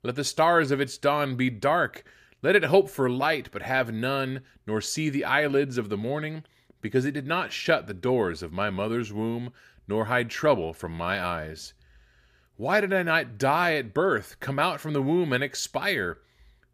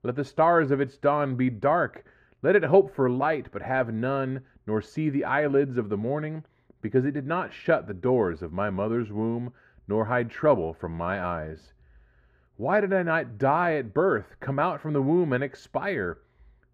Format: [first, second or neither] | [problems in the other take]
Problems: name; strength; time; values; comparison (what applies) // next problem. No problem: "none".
first | muffled; very; fading above 3 kHz